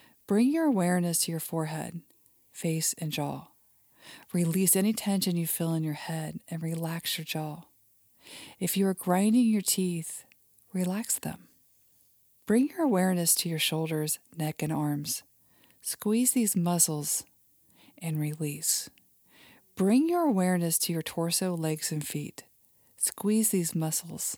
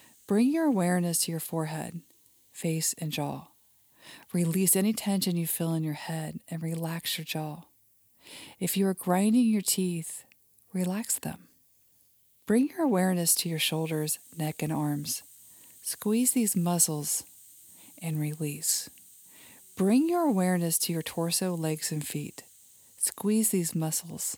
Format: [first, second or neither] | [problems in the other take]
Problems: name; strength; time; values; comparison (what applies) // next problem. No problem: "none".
first | hiss; faint; throughout; 25 dB below the speech